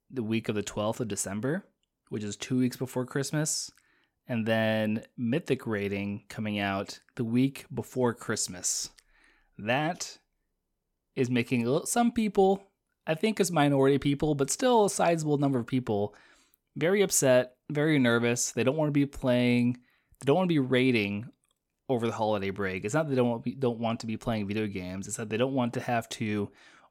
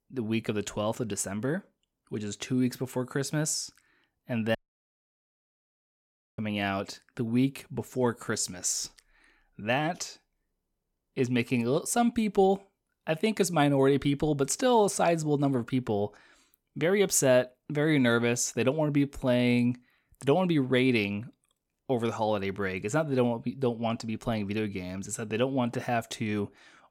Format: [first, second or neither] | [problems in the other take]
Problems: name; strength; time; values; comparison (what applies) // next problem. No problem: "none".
first | audio cutting out; at 4.5 s for 2 s